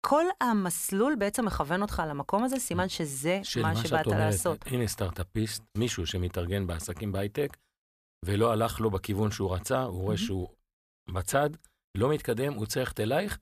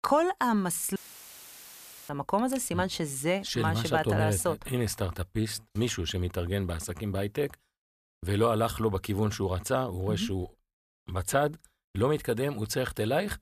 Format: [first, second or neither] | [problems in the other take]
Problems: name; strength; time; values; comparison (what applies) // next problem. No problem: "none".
first | audio cutting out; filled with static; at 1 s for 1 s